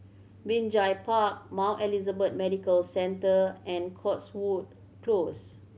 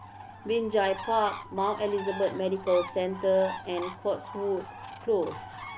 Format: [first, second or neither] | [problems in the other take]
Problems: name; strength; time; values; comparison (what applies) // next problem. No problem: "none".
first | background sound (Bird); 12 dB below the speech